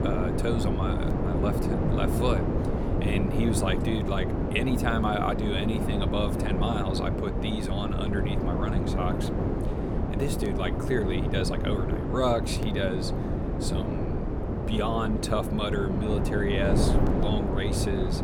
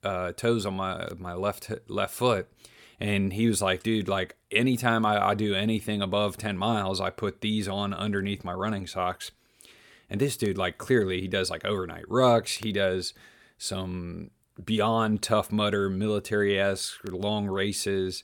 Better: second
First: wind noise on the microphone; heavy; 2 dB below the speech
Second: none

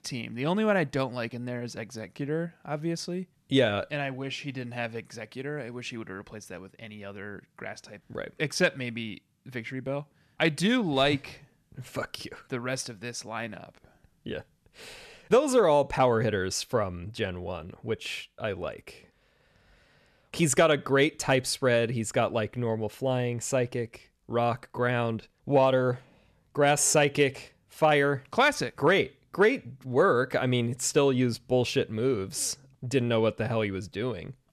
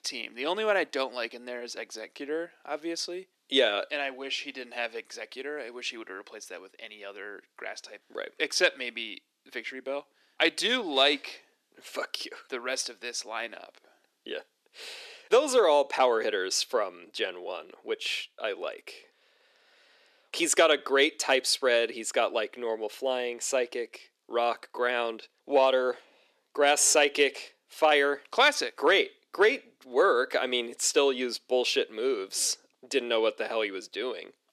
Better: first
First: none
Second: thin; somewhat; fading below 300 Hz

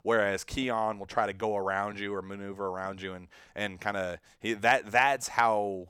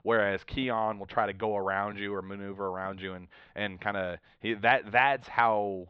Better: first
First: none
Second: muffled; very; fading above 3.5 kHz

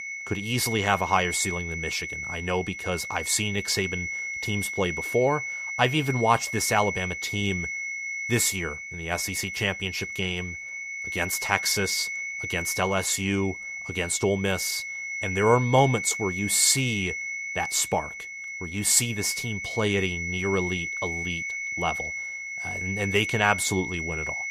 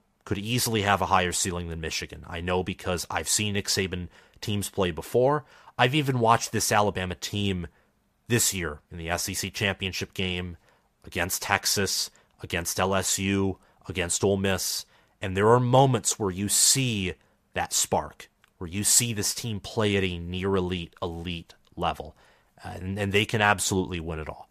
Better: second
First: high-pitched whine; loud; throughout; 2 kHz, 5 dB below the speech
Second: none

